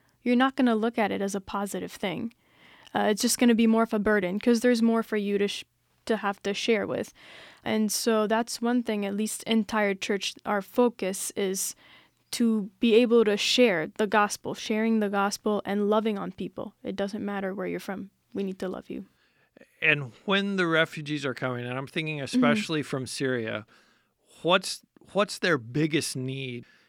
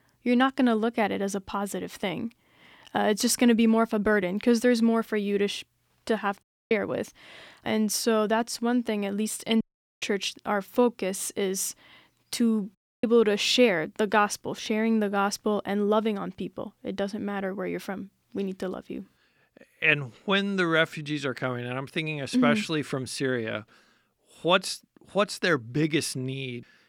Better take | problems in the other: first | audio cutting out; at 6.5 s, at 9.5 s and at 13 s

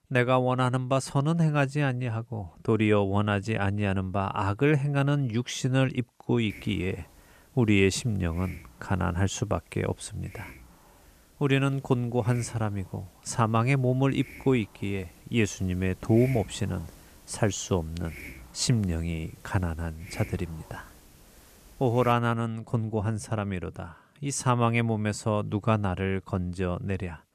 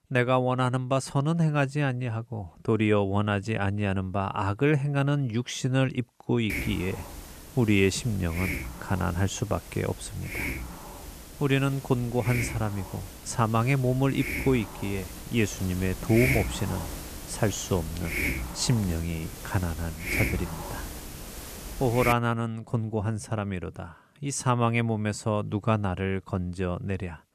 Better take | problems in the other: first | hiss; loud; from 6.5 to 22 s; 7 dB below the speech; faint in the first

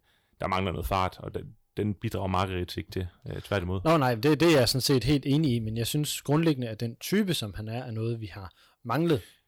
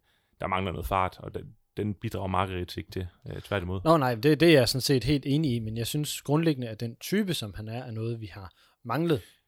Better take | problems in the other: second | distortion; slight; 3% of the sound clipped

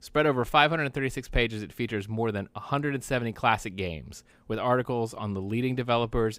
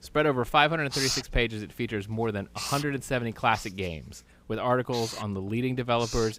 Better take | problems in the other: first | household noises; loud; throughout; 6 dB below the speech

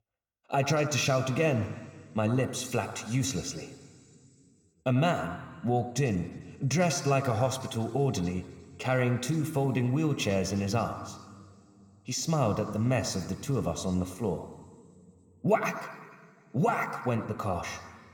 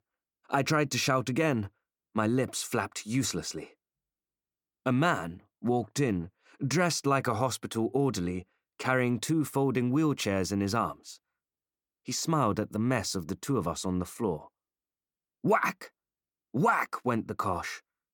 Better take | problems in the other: second | room echo; very slight; dies away in 2.3 s

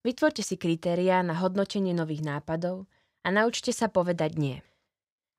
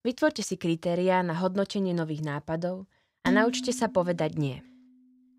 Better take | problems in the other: first | clattering dishes; loud; at 3.5 s; peak level with the speech

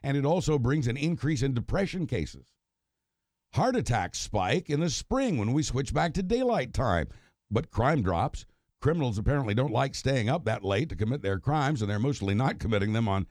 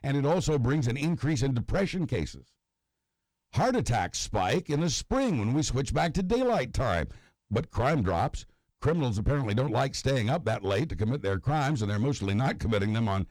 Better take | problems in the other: first | distortion; slight; 7% of the sound clipped

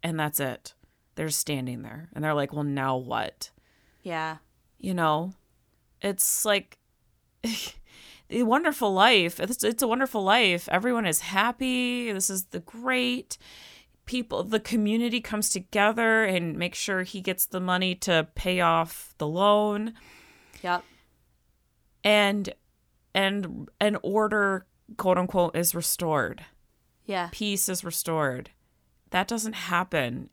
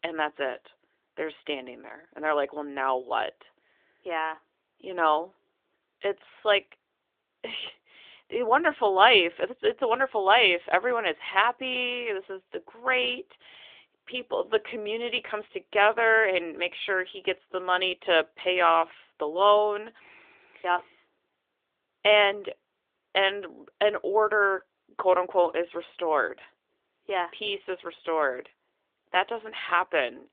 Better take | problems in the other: first | phone-call audio; nothing above 3.5 kHz

